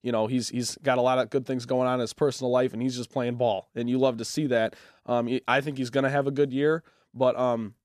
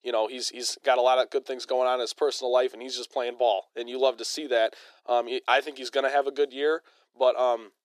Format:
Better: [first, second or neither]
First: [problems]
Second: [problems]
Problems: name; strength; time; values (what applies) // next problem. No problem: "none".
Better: first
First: none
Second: thin; very; fading below 350 Hz